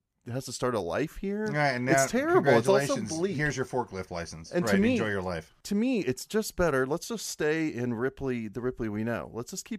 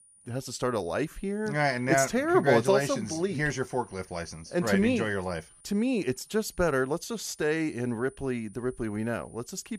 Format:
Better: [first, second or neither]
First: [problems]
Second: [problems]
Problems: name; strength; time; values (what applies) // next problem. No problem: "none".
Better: first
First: none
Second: high-pitched whine; faint; throughout; 9.5 kHz, 25 dB below the speech